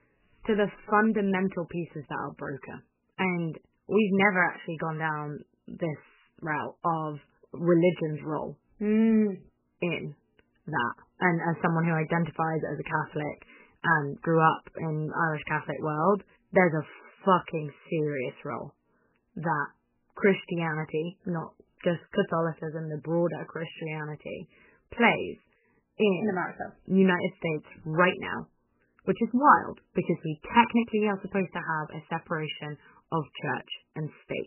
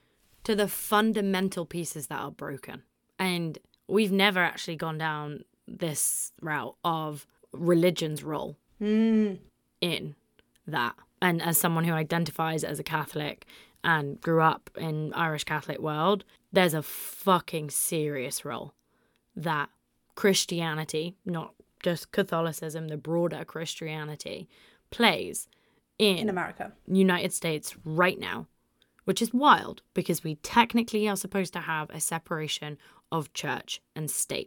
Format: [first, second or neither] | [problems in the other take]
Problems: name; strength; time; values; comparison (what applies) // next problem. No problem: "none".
second | garbled, watery; badly; nothing above 3 kHz